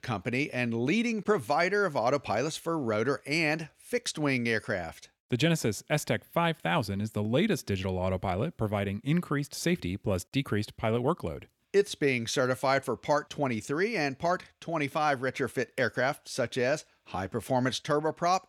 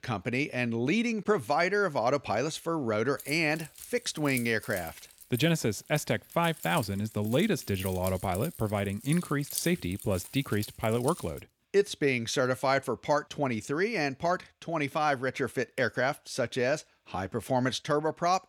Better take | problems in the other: first | jangling keys; noticeable; from 3 to 11 s; peak 6 dB below the speech

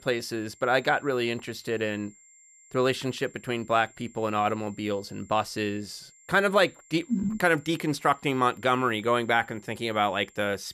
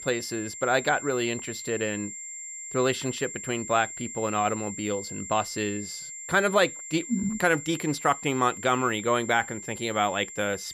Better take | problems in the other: first | high-pitched whine; loud; throughout; 7.5 kHz, 10 dB below the speech; faint in the first

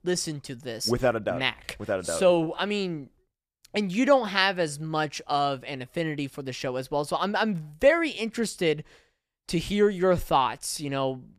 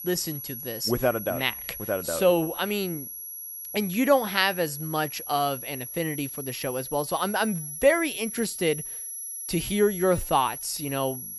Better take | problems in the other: first | high-pitched whine; loud; throughout; 11 kHz, 8 dB below the speech

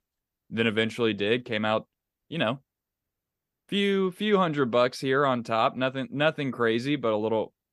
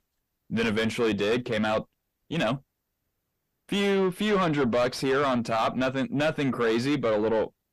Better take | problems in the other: first | distortion; heavy; 6 dB below the speech

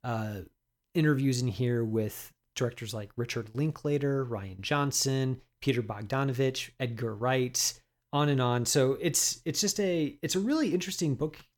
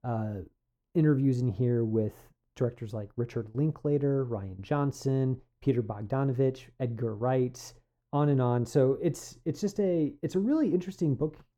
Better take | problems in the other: first | muffled; very; fading above 1.5 kHz

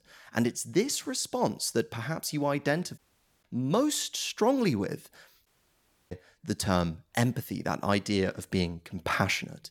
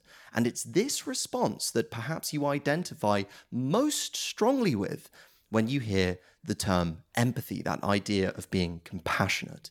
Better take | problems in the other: second | audio cutting out; at 3 s and at 5.5 s for 0.5 s

